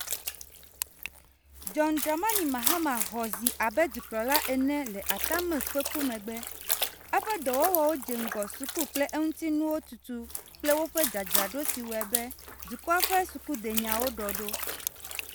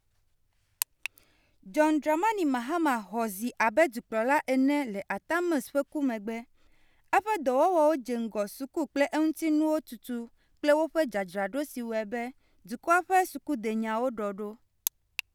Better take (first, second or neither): second